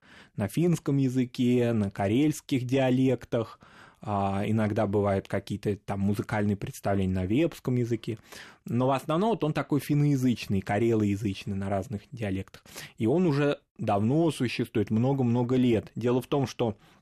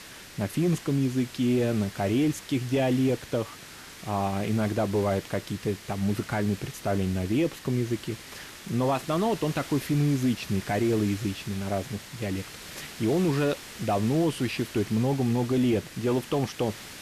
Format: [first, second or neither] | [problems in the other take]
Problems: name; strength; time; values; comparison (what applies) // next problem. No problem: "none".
first | hiss; noticeable; throughout; 15 dB below the speech